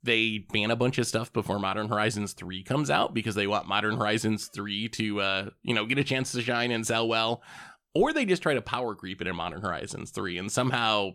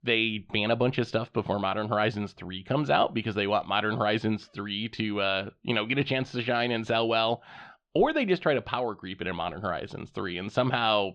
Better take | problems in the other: first | muffled; slightly; fading above 4 kHz

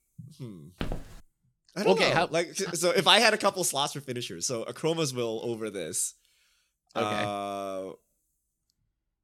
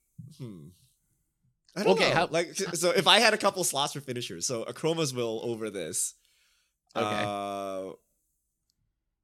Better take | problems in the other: second | footsteps; faint; at 1 s; peak 10 dB below the speech

